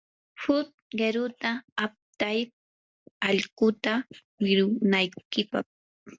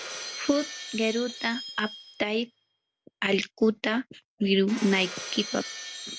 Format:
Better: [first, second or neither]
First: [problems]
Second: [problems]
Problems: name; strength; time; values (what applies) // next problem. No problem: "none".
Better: first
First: none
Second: background sound (Shatter); 12 dB below the speech